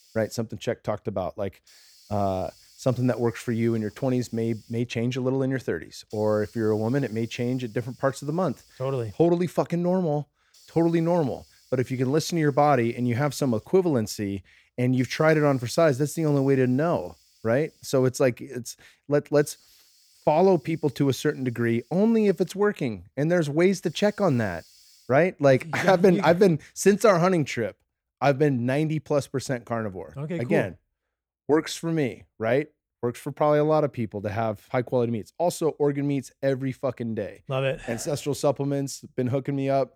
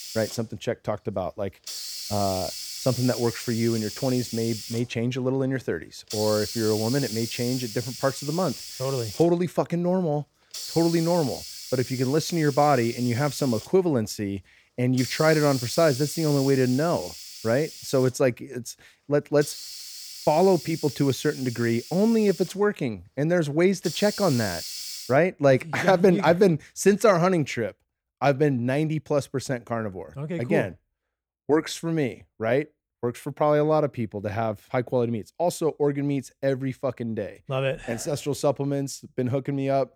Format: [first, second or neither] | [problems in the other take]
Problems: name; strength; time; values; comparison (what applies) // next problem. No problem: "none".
first | hiss; loud; until 25 s; 10 dB below the speech; faint in the first